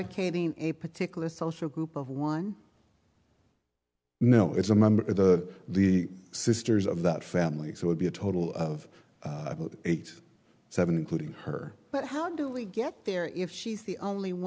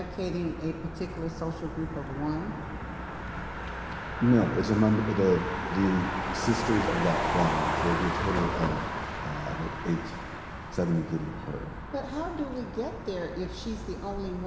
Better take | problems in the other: first | background sound (Motor vehicle (road)); 3 dB below the speech // room echo; dies away in 2.8 s

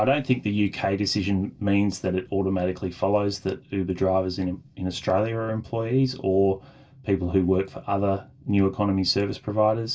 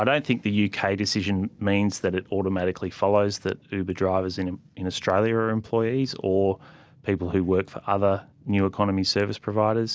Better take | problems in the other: second | room echo; dies away in 0.1 s

